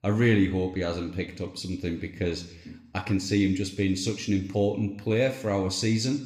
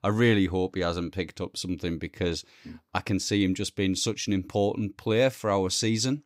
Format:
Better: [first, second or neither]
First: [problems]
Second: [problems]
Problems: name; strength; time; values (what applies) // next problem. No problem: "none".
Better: second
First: room echo; very slight; dies away in 0.7 s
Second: none